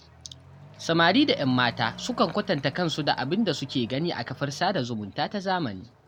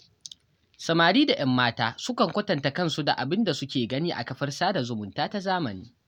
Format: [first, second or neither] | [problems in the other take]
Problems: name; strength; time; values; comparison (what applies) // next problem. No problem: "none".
second | background sound (Accelerating, revving, vroom / Truck); 20 dB below the speech